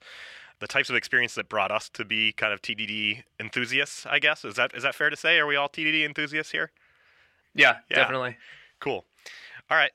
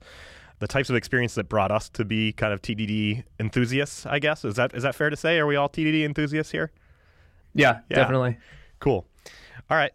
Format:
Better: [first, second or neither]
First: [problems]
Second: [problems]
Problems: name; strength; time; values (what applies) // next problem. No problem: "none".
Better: second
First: thin; somewhat; fading below 1 kHz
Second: none